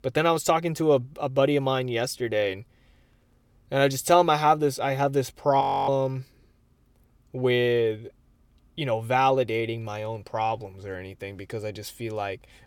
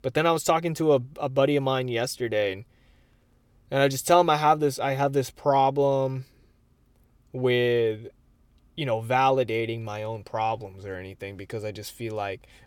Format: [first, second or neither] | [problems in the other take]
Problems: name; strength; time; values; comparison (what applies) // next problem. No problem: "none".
second | audio freezing; at 5.5 s